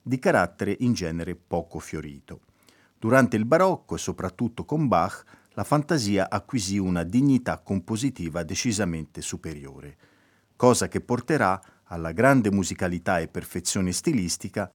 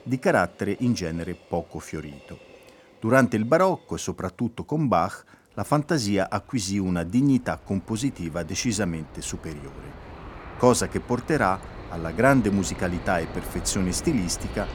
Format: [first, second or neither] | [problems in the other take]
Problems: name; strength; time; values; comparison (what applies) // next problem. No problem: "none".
first | train or aircraft noise; noticeable; throughout; 15 dB below the speech